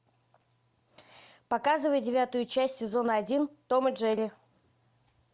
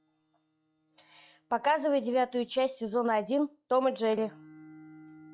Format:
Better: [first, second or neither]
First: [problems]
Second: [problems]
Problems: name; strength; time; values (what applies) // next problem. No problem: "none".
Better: first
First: none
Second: noise reduction (classical method log-MMSE)